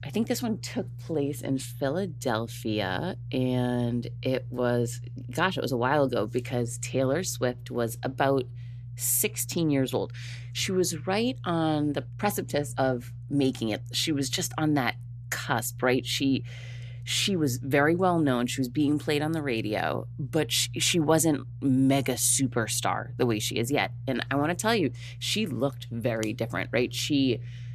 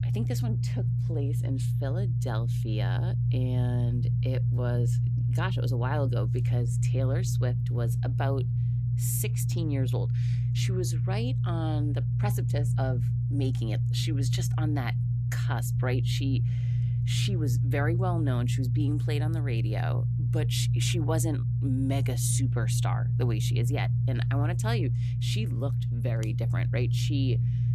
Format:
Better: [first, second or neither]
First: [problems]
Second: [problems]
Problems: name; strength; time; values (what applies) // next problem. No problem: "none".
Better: first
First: low rumble; faint; throughout; 25 dB below the speech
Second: low rumble; loud; throughout; 3 dB below the speech